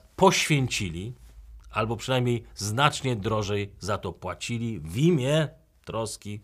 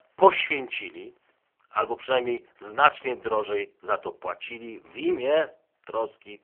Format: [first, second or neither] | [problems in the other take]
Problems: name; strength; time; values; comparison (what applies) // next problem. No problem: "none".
first | phone-call audio; poor line; nothing above 3 kHz